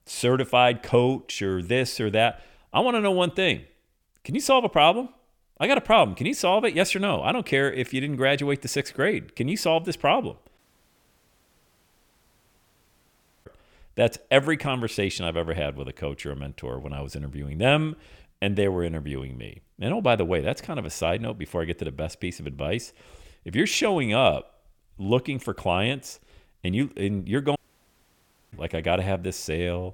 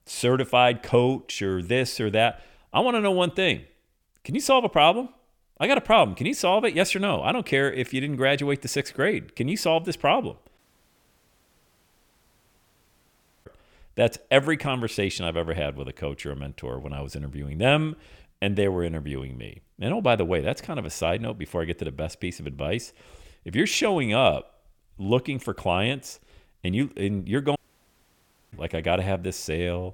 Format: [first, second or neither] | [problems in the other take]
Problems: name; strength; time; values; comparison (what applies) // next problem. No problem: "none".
neither | audio cutting out; at 11 s for 3 s and at 28 s for 1 s; the same in both